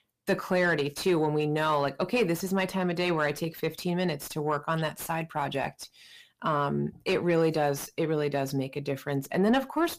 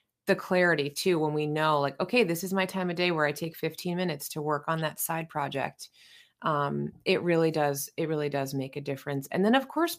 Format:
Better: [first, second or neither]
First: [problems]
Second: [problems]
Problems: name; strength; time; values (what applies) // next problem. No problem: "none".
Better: second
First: distortion; slight; 10 dB below the speech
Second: none